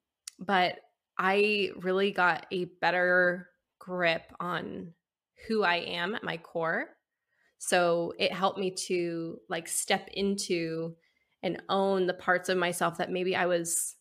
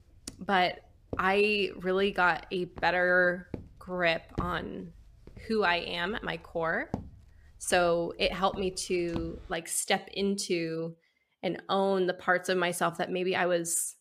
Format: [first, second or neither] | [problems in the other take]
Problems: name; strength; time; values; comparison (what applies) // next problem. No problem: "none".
first | footsteps; faint; until 9.5 s; peak 10 dB below the speech